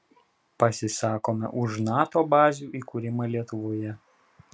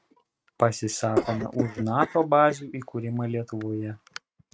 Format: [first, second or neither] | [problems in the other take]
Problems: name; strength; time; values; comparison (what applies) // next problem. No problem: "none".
first | noise reduction (neural mask model RNNoise)